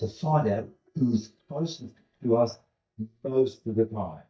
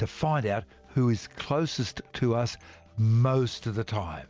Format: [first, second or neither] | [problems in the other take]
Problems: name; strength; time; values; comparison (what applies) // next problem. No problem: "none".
second | noise reduction (neural mask model DeepFilterNet 3)